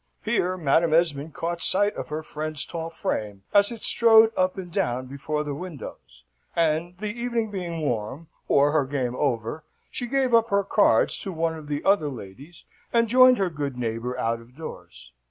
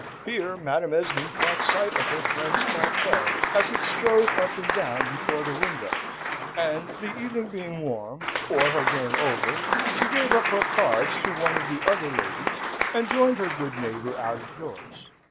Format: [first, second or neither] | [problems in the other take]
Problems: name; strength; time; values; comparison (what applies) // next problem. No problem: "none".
first | background sound (Applause / Crowd); as loud as the speech